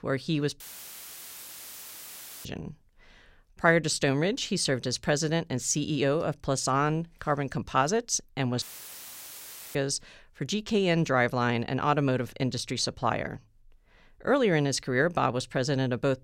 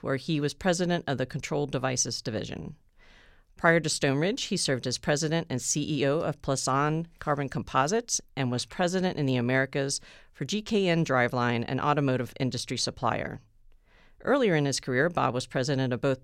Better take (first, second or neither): second